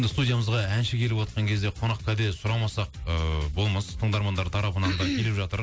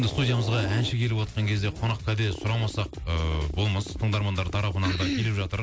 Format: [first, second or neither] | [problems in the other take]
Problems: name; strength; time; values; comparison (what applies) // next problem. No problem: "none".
first | background sound (Zipper (clothing)); 15 dB below the speech